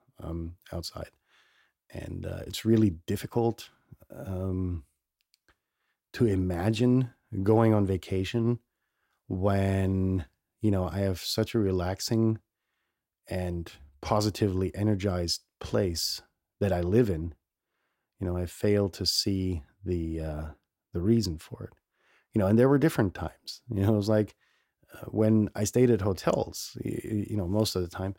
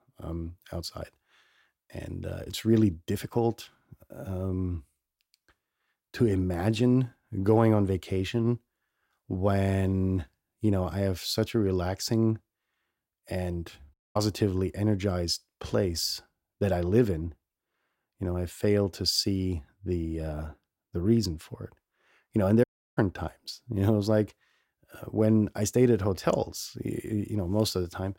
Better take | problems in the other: first | audio cutting out; at 14 s and at 23 s

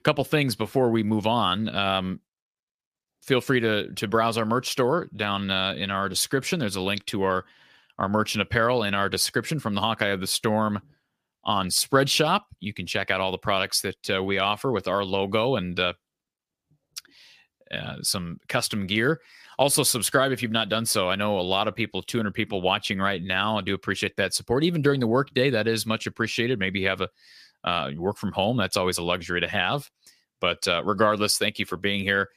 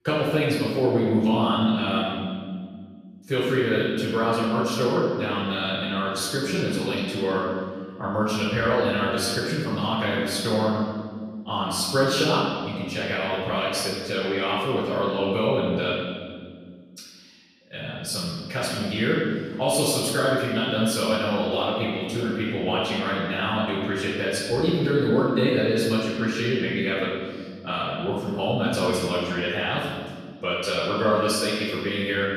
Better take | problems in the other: first | room echo; strong; dies away in 1.9 s // off-mic speech; far

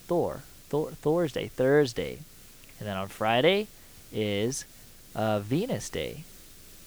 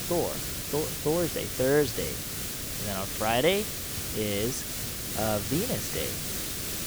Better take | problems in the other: first | hiss; loud; throughout; 2 dB below the speech; faint in the first

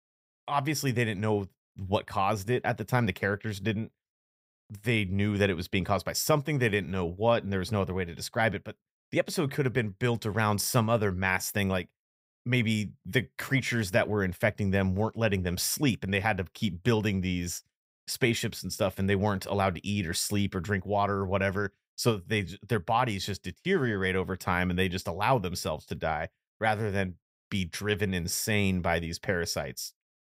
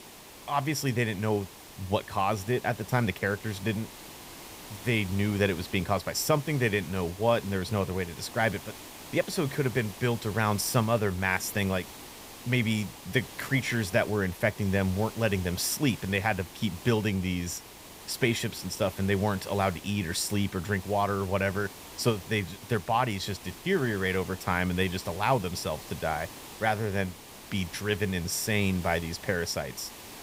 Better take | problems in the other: first | hiss; noticeable; throughout; 15 dB below the speech

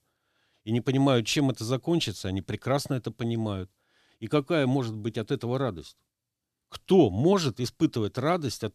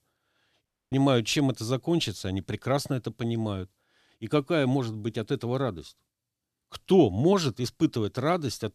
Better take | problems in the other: first | audio cutting out; at 0.5 s

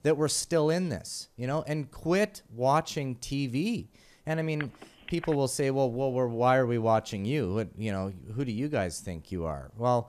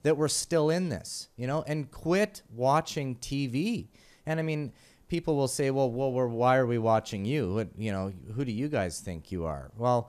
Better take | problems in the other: second | phone ringing; faint; at 4.5 s; peak 10 dB below the speech

